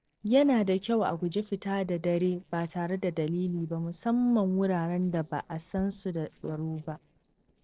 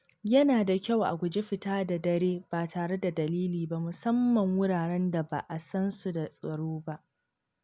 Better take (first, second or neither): second